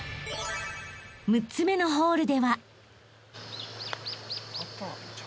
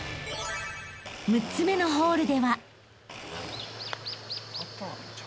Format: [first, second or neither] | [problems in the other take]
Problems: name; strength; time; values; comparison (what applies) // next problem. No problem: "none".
first | background sound (Domestic sounds, home sounds); 12 dB below the speech